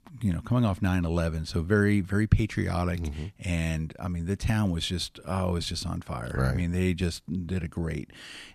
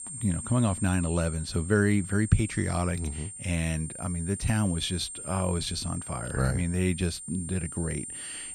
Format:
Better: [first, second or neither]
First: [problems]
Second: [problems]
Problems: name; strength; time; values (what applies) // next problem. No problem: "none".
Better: first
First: none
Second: high-pitched whine; loud; throughout; 8.5 kHz, 8 dB below the speech